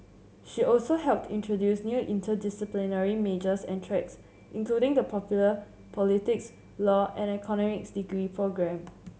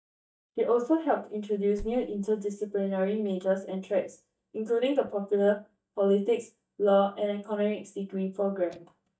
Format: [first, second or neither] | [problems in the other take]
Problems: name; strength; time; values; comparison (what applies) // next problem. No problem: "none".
first | noise reduction (neural mask model DeepFilterNet 3)